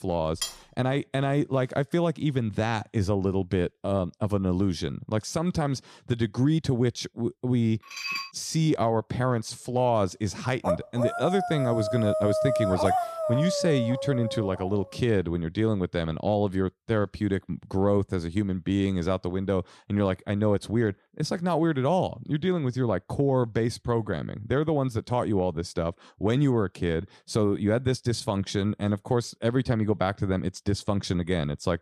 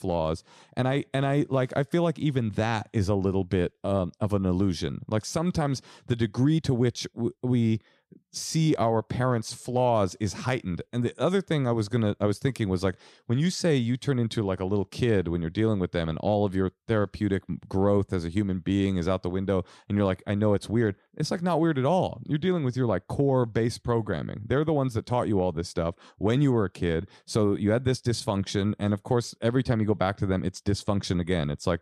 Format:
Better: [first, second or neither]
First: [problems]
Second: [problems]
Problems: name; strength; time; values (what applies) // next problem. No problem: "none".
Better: second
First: clattering dishes; noticeable; at 0.5 s and at 8 s; peak 4 dB below the speech // dog barking; loud; from 11 to 15 s; peak 1 dB above the speech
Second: none